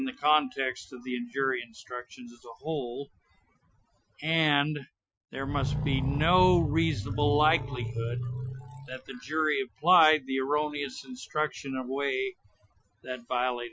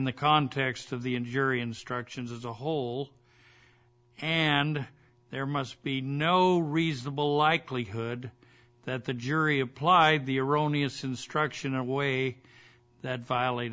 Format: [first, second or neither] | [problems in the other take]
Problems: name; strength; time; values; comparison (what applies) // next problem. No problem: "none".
second | noise reduction (classical method Wiener filter)